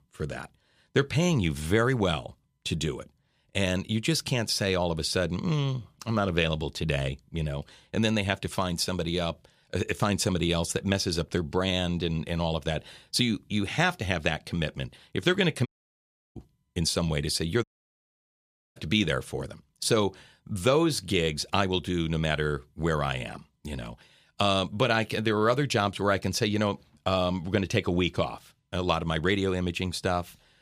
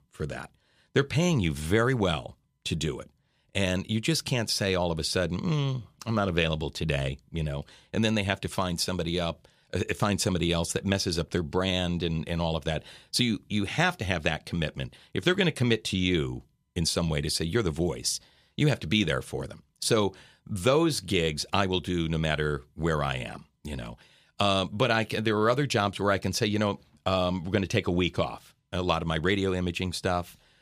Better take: second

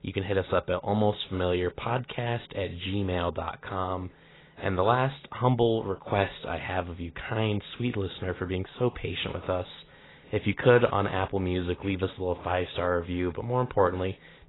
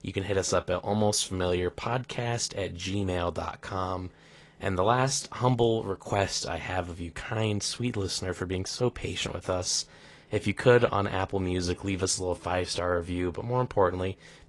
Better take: second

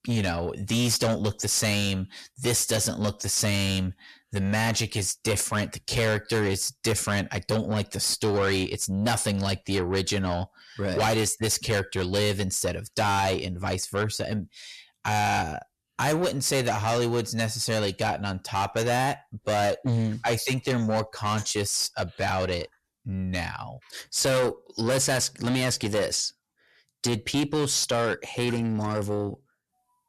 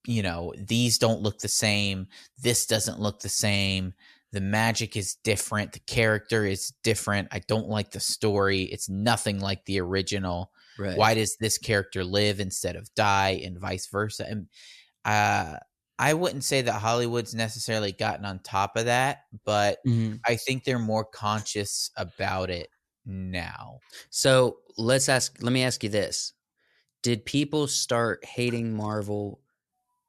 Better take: second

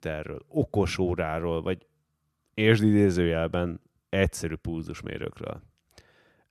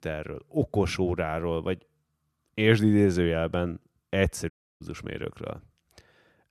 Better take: first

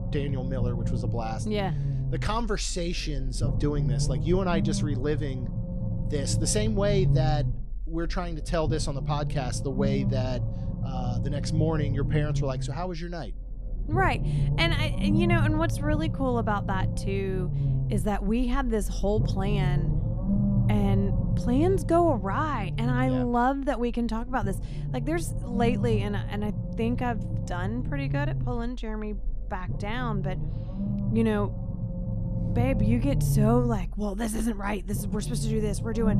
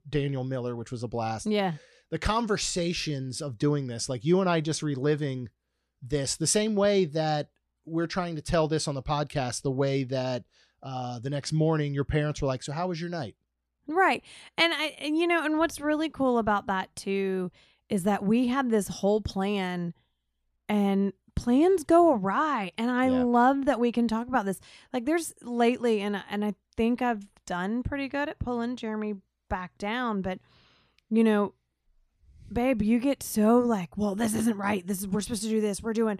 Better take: second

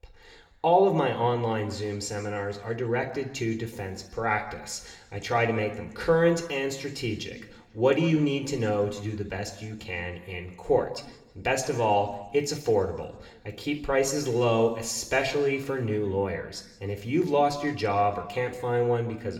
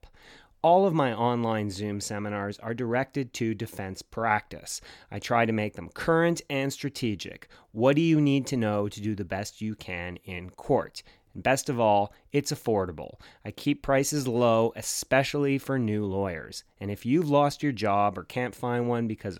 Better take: second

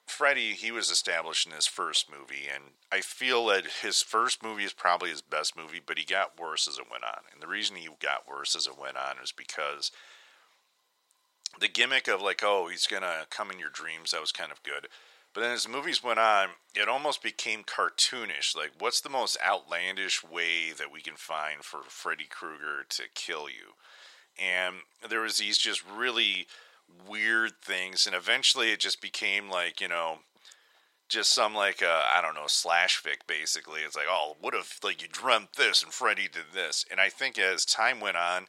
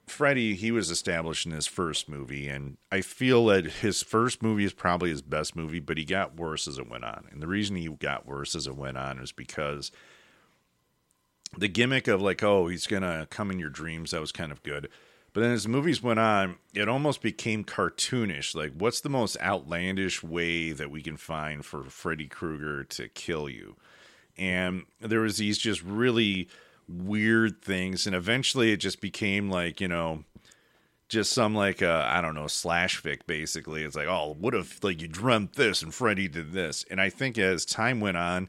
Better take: second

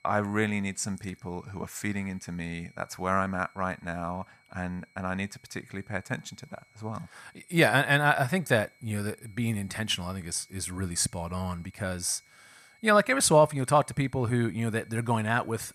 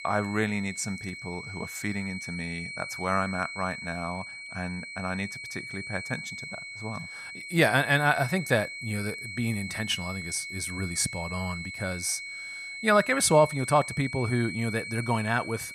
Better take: first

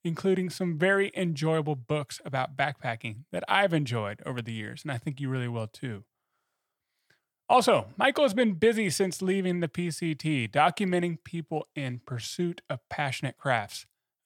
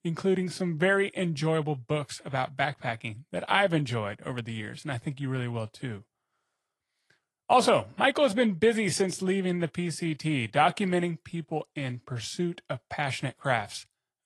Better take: first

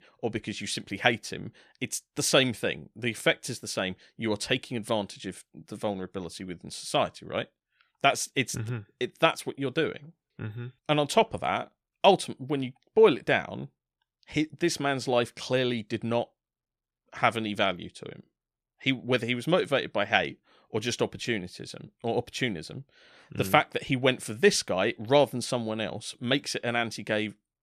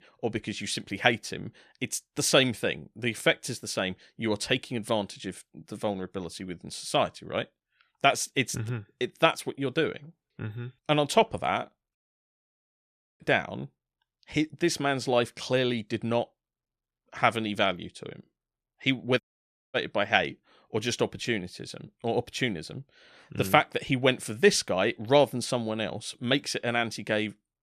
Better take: first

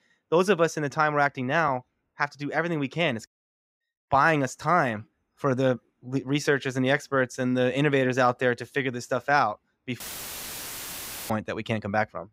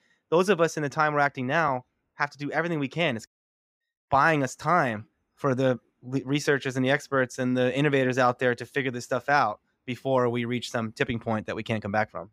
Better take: second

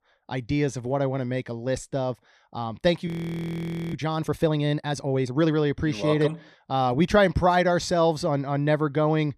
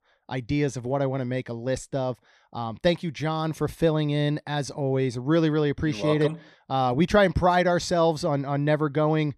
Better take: second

